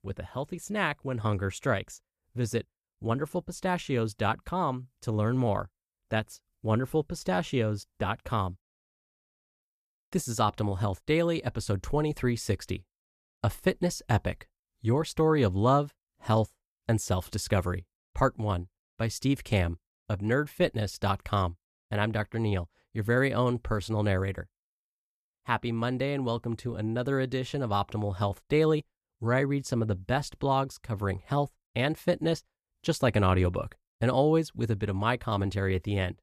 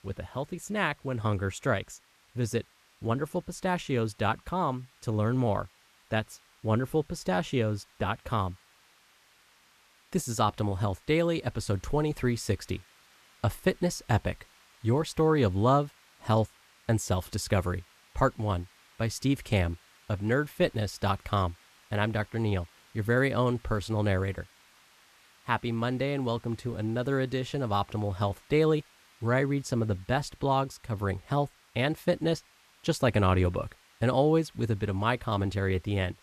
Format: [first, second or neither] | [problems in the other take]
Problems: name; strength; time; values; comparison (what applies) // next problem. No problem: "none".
first | hiss; faint; throughout; 30 dB below the speech